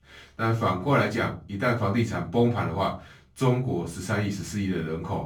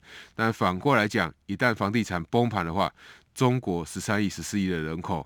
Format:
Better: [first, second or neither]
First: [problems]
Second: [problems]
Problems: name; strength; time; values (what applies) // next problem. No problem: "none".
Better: second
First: off-mic speech; far // room echo; slight; dies away in 0.4 s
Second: none